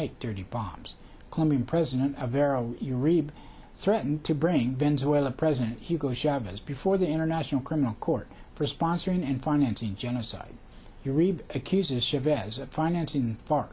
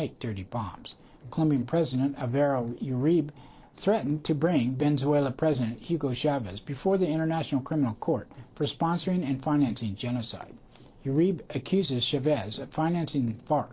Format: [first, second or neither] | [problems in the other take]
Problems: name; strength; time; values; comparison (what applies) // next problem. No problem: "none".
first | noise reduction (neural separator model SepFormer DNS4)